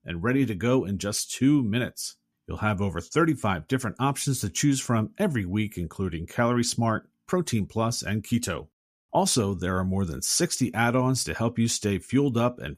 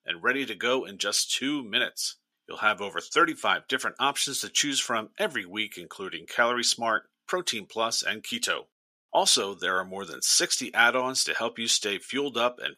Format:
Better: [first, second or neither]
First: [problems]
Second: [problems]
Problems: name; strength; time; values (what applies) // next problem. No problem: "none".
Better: first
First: none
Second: thin; very; fading below 500 Hz